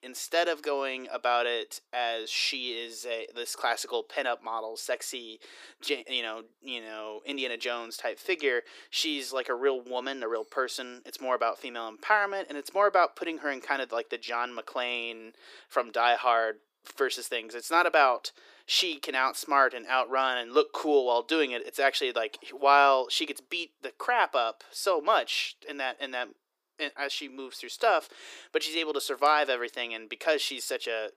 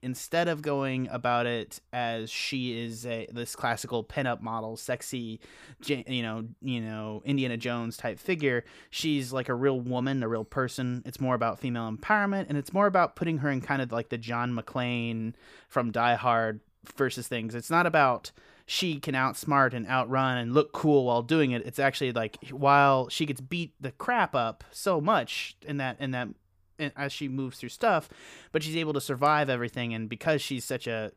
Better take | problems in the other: second | thin; very; fading below 350 Hz

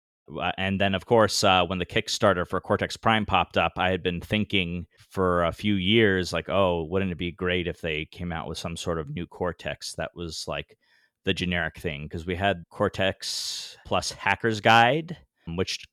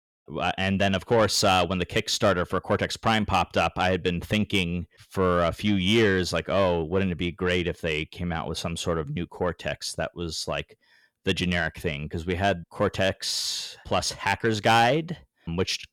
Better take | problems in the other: first | distortion; slight; 10 dB below the speech

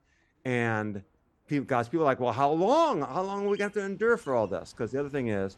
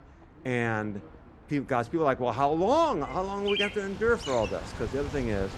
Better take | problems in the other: first | animal sounds; loud; throughout; 9 dB below the speech; faint in the first

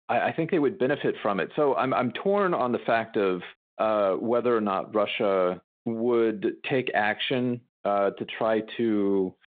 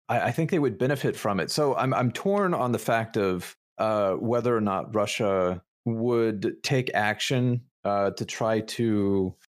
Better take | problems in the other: second | phone-call audio; nothing above 3.5 kHz

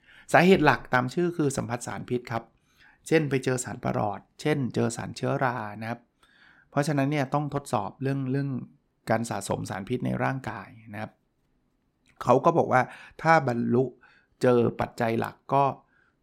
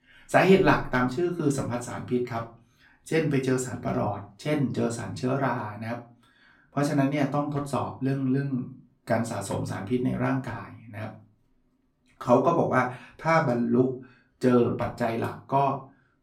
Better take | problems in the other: first | room echo; slight; dies away in 0.3 s // off-mic speech; far

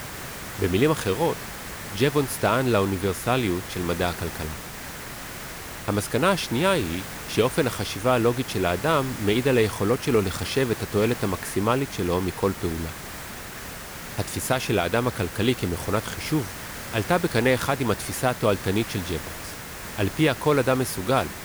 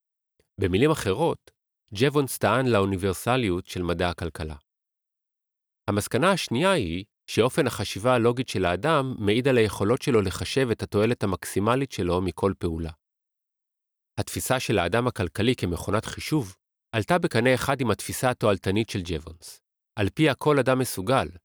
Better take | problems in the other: second | hiss; noticeable; throughout; 10 dB below the speech

